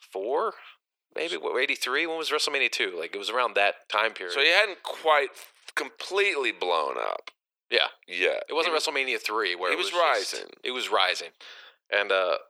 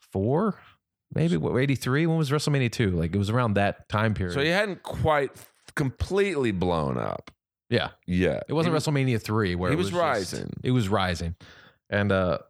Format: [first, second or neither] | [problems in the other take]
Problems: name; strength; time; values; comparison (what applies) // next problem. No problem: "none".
second | thin; very; fading below 400 Hz